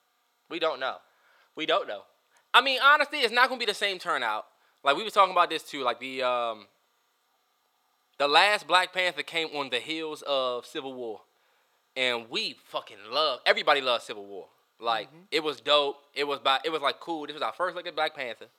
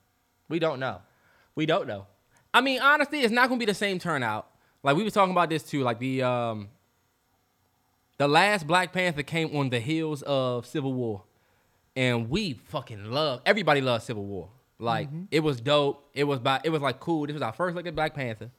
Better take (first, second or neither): second